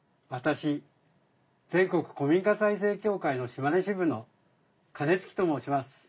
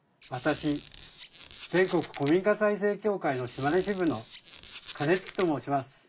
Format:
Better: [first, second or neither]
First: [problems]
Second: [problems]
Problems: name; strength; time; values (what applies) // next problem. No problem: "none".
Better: first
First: none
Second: background sound (Squeak); 19 dB below the speech